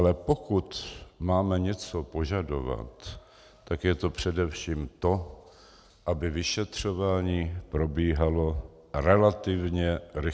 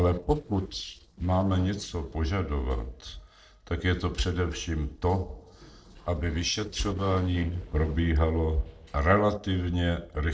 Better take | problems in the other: first | noise reduction (neural separator model SepFormer DNS4)

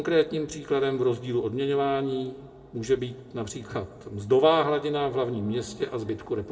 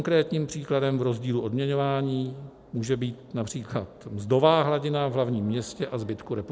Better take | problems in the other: second | room echo; dies away in 1.6 s

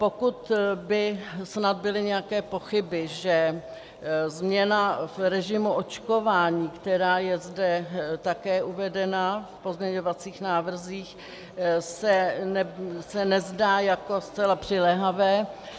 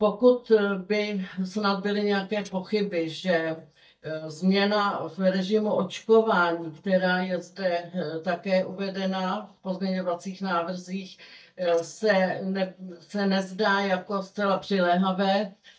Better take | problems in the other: first | noise reduction (neural mask model DeepFilterNet 3)

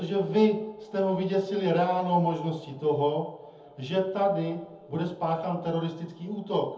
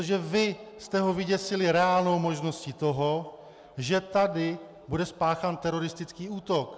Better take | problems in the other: second | room echo; dies away in 0.6 s

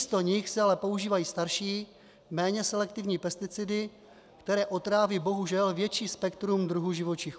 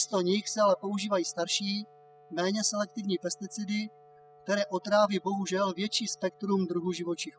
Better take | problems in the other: first | noise reduction (classical method spectral subtraction)

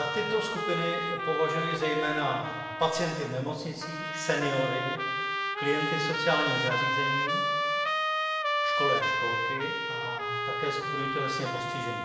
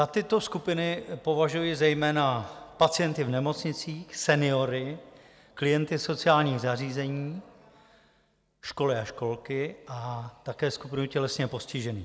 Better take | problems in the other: second | background sound (Trumpet); 1 dB above the speech // room echo; dies away in 1.2 s

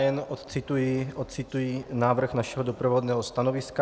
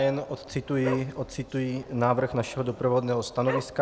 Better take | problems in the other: first | background sound (Dog); 13 dB below the speech

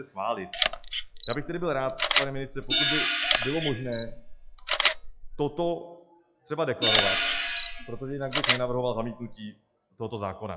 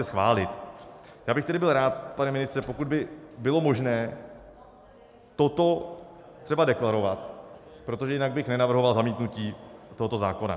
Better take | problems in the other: second | noise reduction (classical method log-MMSE)

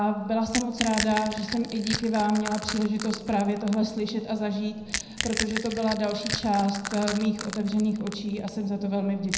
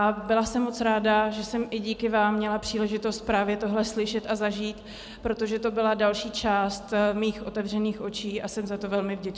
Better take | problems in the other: second | background sound (Crack / Crushing); 9 dB below the speech // room echo; dies away in 0.7 s

